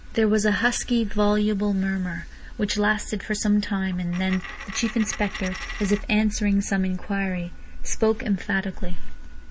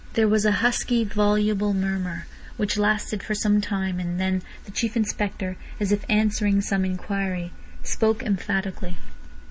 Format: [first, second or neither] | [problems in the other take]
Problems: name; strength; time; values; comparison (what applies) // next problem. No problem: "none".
second | background sound (Coin (dropping)); 14 dB below the speech